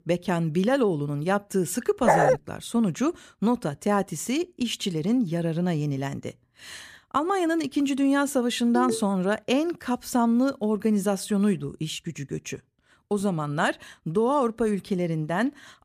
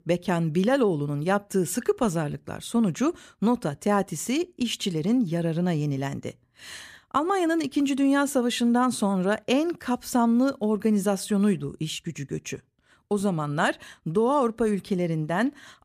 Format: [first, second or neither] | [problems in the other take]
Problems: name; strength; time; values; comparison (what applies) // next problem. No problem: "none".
second | dog barking; loud; at 2 s; peak 5 dB above the speech // phone ringing; noticeable; at 9 s; peak 5 dB below the speech